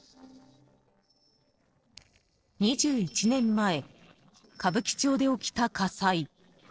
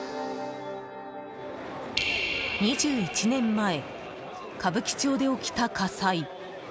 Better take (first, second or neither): second